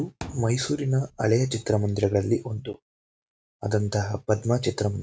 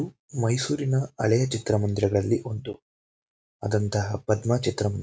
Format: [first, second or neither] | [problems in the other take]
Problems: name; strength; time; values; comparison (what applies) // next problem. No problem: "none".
second | background sound (Thump, thud); 18 dB below the speech